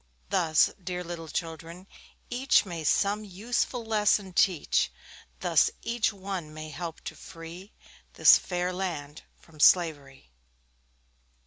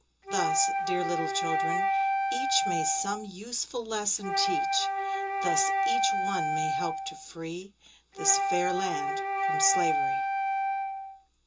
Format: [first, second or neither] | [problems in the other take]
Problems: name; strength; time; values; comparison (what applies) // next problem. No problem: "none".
first | background sound (Wind instrument, woodwind instrument); 4 dB above the speech // room echo; dies away in 0.2 s